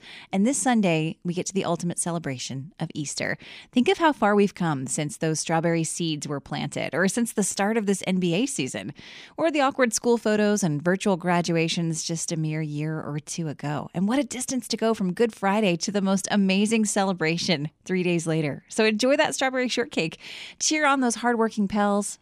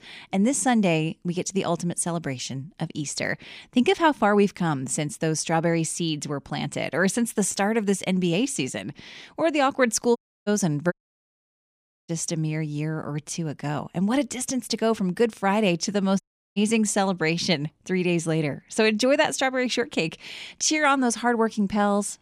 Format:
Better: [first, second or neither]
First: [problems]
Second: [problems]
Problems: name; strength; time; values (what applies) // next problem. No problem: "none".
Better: first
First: none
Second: audio cutting out; at 10 s, at 11 s for 1 s and at 16 s